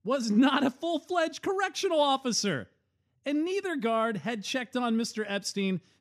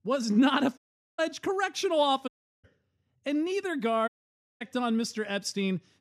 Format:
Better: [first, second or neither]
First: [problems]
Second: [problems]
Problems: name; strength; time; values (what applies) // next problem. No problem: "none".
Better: first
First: none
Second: audio cutting out; at 1 s, at 2.5 s and at 4 s for 0.5 s